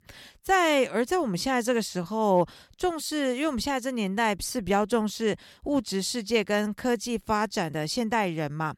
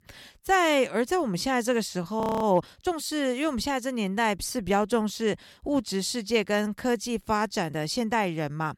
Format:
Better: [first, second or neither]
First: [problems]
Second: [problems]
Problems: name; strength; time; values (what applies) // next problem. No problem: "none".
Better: first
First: none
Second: audio freezing; at 2 s